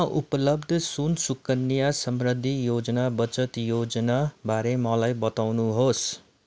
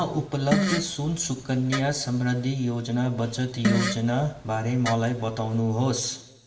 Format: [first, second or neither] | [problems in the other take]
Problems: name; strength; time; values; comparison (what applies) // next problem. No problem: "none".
first | background sound (Fart); 5 dB below the speech // room echo; dies away in 0.8 s